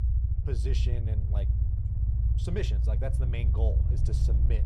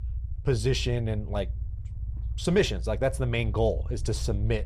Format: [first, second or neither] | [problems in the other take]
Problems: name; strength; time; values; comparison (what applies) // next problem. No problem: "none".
second | low rumble; loud; throughout; 3 dB below the speech; faint in the second